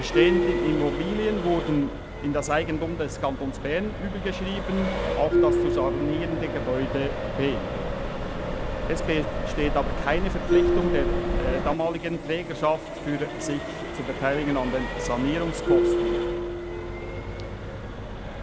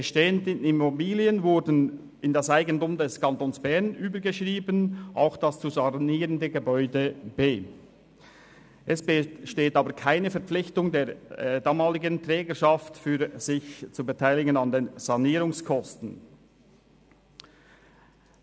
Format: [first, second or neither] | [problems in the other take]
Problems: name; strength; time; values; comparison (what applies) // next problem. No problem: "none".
second | background sound (Accelerating, revving, vroom + Marimba, xylophone); 1 dB above the speech